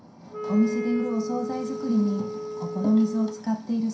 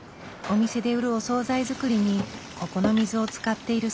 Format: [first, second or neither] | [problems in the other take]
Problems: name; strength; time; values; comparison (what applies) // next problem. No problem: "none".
second | background sound (Wind instrument, woodwind instrument); 8 dB below the speech // room echo; dies away in 0.5 s